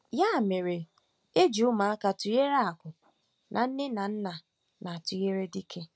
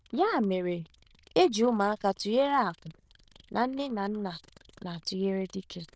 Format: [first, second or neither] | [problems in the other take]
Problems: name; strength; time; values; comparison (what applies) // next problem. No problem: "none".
first | noise reduction (neural diffusion model UNIVERSE++)